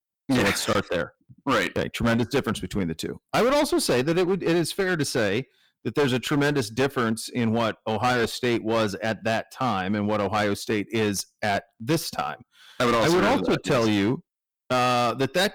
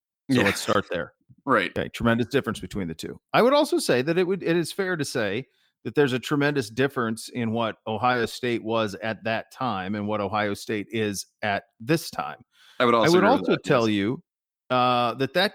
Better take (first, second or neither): second